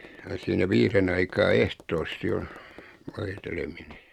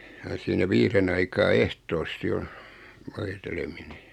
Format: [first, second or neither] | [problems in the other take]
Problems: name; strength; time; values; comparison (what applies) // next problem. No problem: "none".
second | noise reduction (neural mask model RNNoise)